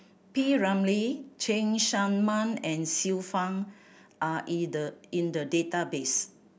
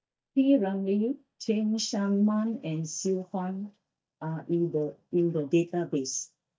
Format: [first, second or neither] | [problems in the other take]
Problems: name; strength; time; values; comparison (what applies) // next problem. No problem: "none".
first | noise reduction (neural mask model DeepFilterNet 3)